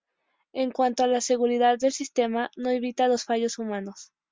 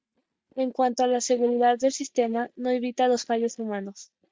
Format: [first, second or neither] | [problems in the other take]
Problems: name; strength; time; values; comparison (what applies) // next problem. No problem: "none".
first | noise reduction (neural mask model DeepFilterNet 3)